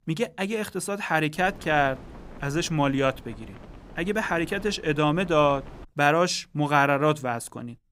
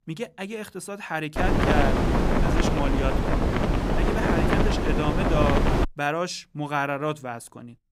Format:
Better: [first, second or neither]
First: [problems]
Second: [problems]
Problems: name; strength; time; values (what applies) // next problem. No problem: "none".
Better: first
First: wind noise on the microphone; occasional gusts; from 1.5 to 6 s; 25 dB below the speech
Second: wind noise on the microphone; heavy; from 1.5 to 6 s; 2 dB above the speech